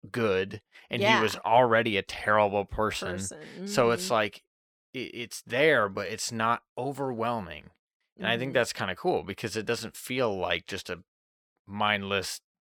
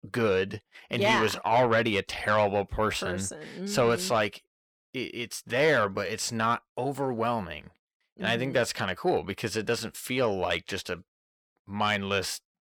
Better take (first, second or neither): first